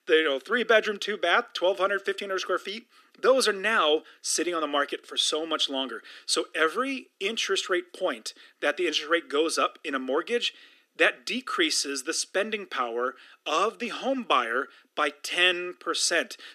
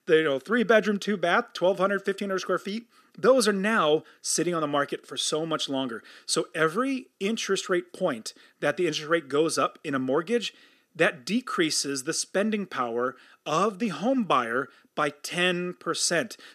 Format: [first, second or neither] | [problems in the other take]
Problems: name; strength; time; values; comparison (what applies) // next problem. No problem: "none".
second | thin; somewhat; fading below 250 Hz